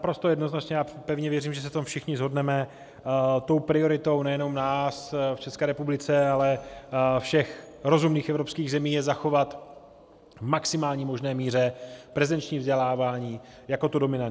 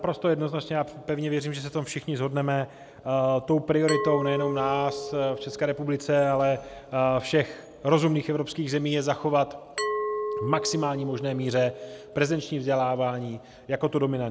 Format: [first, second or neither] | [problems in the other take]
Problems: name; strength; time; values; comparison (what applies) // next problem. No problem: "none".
first | background sound (Glass); 10 dB below the speech